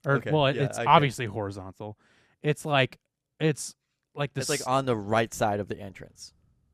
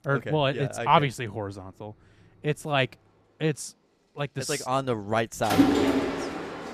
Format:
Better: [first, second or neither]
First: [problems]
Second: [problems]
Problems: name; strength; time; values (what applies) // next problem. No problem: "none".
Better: first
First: none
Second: machinery noise; very loud; throughout; 2 dB above the speech